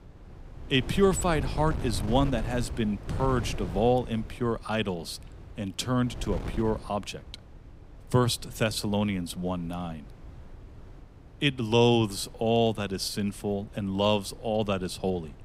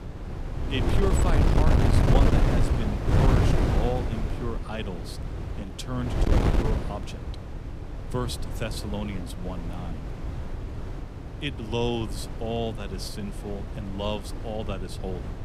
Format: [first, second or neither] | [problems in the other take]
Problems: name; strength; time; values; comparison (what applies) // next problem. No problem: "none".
first | wind noise on the microphone; heavy; as loud as the speech; occasional gusts in the first